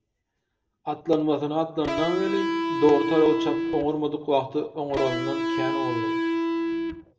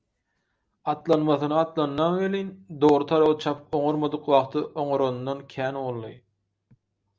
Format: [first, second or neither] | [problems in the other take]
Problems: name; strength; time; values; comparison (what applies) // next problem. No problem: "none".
second | background sound (Electric guitar); as loud as the speech // room echo; dies away in 1.2 s